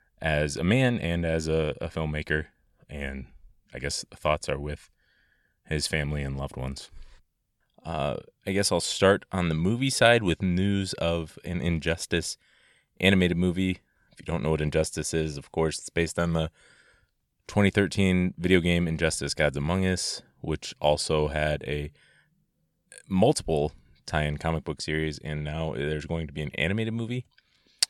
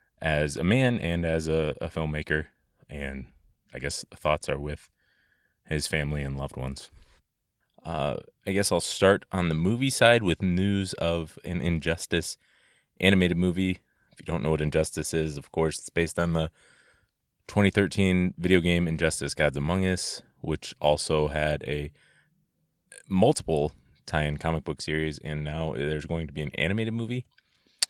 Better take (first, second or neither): first